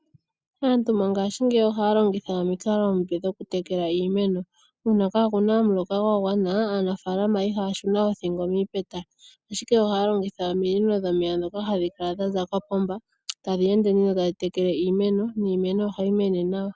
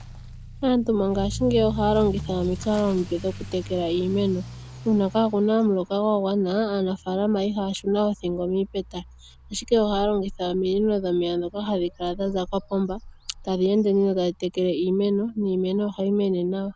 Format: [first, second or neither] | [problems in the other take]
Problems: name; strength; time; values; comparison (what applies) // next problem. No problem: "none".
first | background sound (Accelerating, revving, vroom / Motor vehicle (road)); 15 dB below the speech